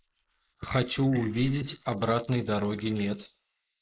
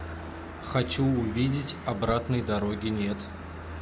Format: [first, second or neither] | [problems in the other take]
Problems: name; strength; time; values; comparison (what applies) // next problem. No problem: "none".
second | noise reduction (neural mask model Resemble Enhance denoiser)